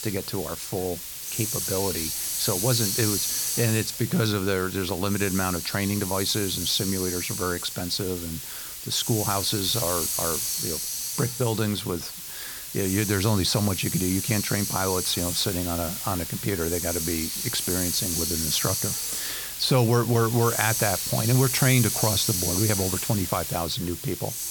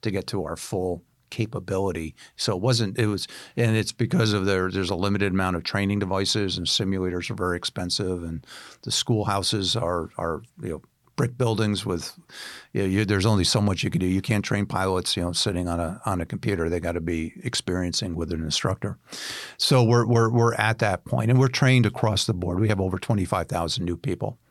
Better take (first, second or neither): second